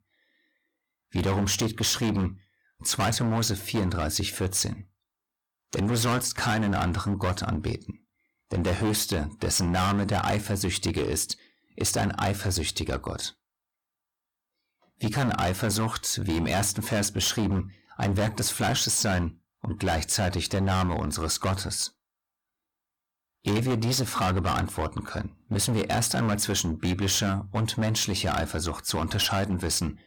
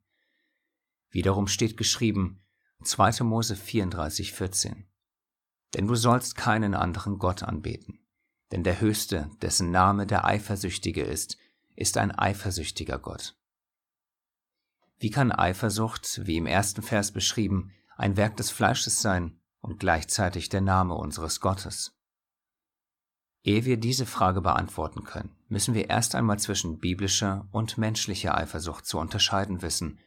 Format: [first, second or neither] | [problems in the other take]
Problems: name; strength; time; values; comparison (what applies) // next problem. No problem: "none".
second | distortion; heavy; 17% of the sound clipped